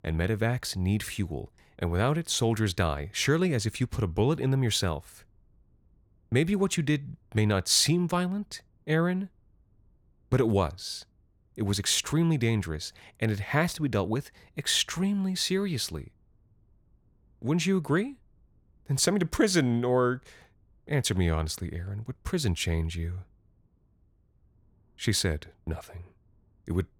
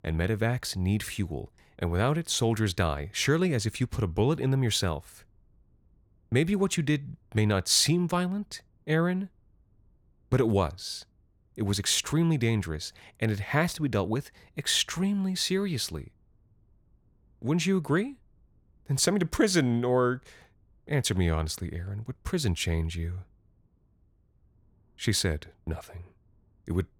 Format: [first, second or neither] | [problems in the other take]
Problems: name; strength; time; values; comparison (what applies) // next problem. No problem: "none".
neither | none